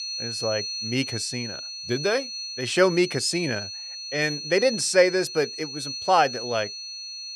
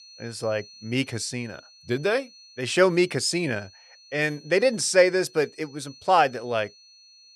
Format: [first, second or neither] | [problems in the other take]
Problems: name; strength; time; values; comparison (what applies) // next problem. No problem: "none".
second | high-pitched whine; loud; throughout; 4.5 kHz, 7 dB below the speech; faint in the second